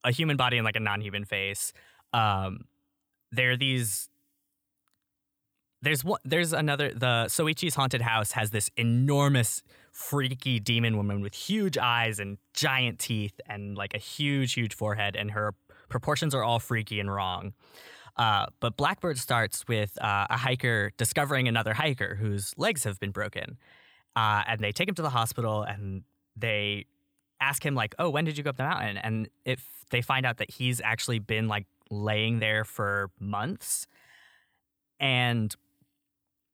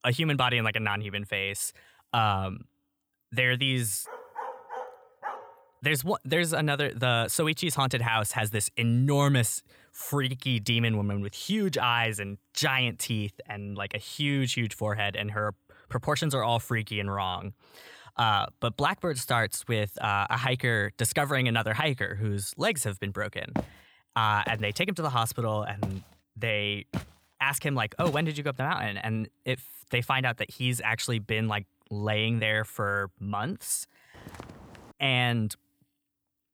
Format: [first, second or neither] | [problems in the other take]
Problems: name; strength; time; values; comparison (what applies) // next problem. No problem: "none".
first | dog barking; faint; from 4 to 5.5 s; peak 10 dB below the speech // footsteps; noticeable; from 24 to 28 s; peak 7 dB below the speech // footsteps; faint; at 34 s; peak 20 dB below the speech